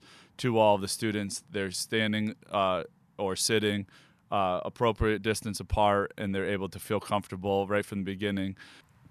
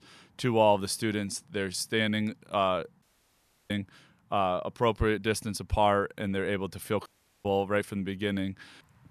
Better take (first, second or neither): first